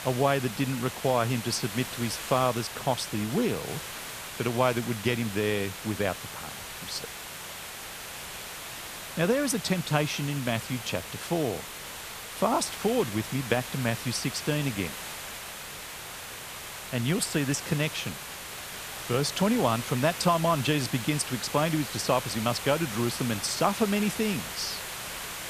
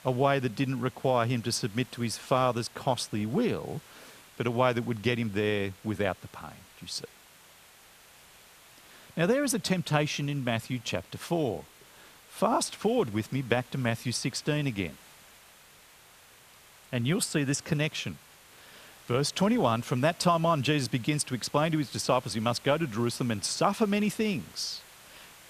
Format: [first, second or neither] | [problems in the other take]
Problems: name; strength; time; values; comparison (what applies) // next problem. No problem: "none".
second | hiss; loud; throughout; 8 dB below the speech; faint in the second